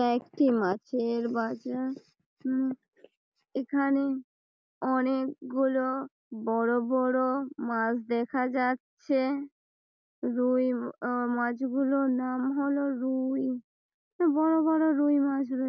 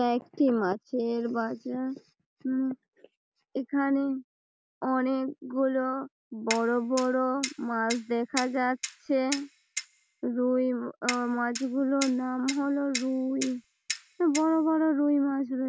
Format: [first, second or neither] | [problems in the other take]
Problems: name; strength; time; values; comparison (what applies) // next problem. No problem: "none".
first | background sound (Clock); 10 dB below the speech